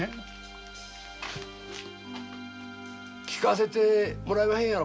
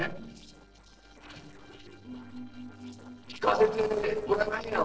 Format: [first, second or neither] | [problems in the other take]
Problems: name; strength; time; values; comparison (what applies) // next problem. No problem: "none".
first | noise reduction (neural separator model SepFormer DNS4)